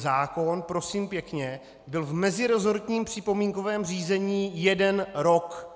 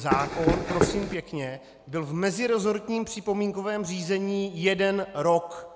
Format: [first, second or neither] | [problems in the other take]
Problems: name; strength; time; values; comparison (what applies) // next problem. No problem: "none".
first | background sound (Run); 1 dB above the speech